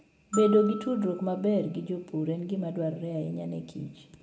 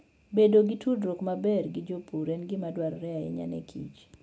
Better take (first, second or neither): second